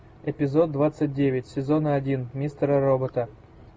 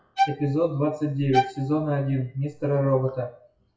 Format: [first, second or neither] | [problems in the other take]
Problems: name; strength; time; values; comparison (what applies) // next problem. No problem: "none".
first | noise reduction (classical method WPE with log-MMSE)